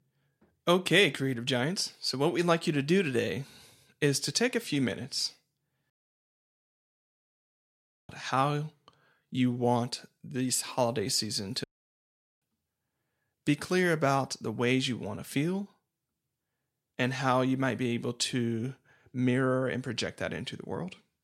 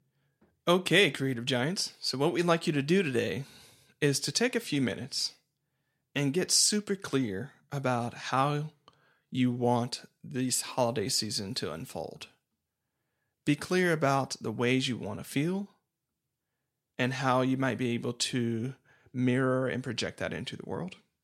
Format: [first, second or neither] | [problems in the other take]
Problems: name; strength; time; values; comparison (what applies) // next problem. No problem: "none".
second | audio cutting out; at 6 s for 2 s and at 12 s for 1 s